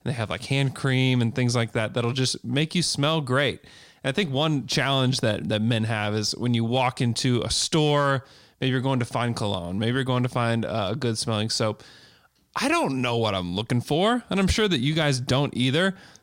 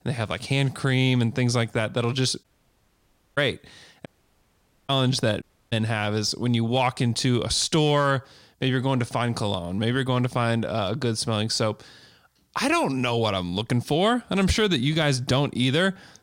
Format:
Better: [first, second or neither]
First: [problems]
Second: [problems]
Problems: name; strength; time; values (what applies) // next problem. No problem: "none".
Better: first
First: none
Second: audio cutting out; at 2.5 s for 1 s, at 4 s for 1 s and at 5.5 s